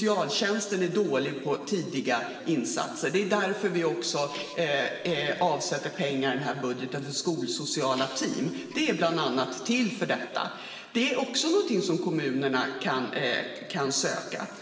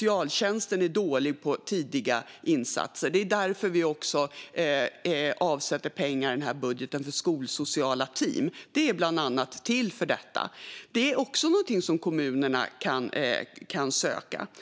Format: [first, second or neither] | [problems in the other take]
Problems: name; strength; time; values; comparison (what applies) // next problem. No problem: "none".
second | background sound (Printer); 19 dB below the speech // room echo; dies away in 2.1 s